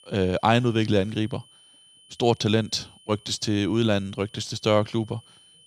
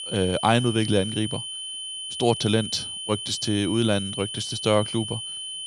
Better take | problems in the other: first | high-pitched whine; loud; throughout; 3 kHz, 6 dB below the speech; faint in the first

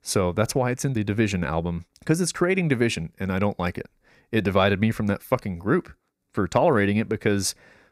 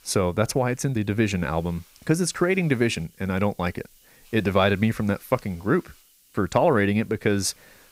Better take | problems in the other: first | hiss; faint; throughout; 30 dB below the speech

